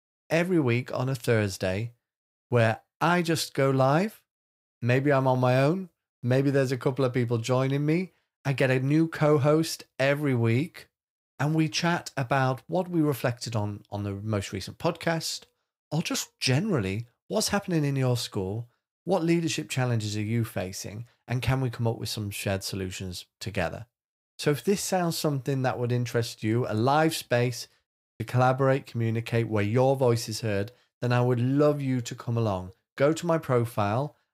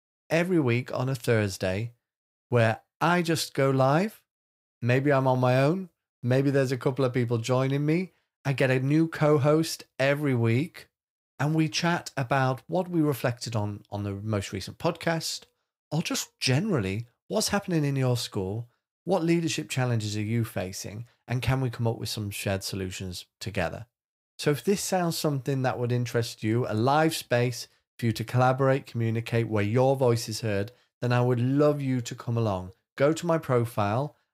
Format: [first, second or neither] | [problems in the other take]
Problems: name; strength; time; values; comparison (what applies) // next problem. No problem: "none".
second | audio cutting out; at 28 s